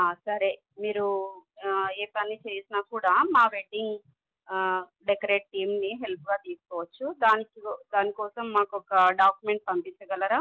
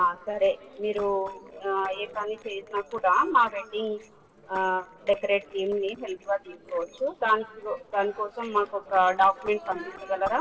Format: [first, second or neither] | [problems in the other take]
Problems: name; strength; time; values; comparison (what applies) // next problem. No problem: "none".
first | noise reduction (neural separator model SepFormer DNS4)